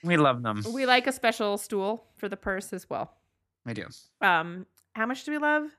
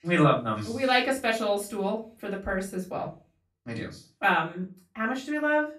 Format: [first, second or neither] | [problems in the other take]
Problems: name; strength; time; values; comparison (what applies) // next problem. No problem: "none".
first | off-mic speech; far // room echo; very slight; dies away in 0.3 s